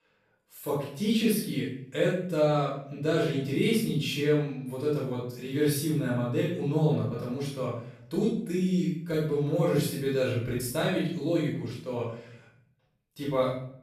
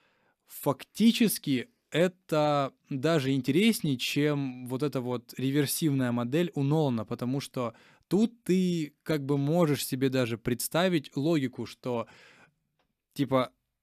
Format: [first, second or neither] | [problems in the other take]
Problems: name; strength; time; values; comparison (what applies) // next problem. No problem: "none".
second | off-mic speech; far // room echo; noticeable; dies away in 0.6 s